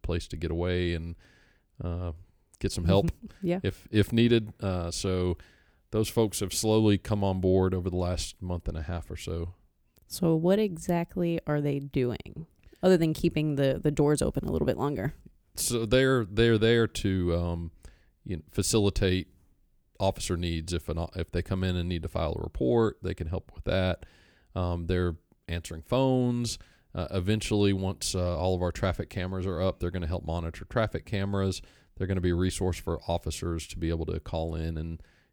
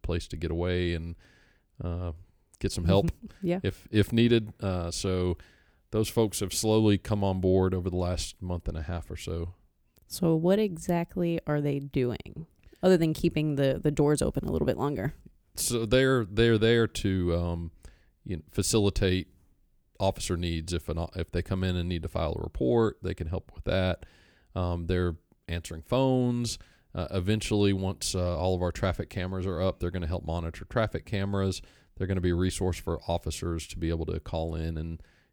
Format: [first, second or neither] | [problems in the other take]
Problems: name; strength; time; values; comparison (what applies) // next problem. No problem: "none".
neither | none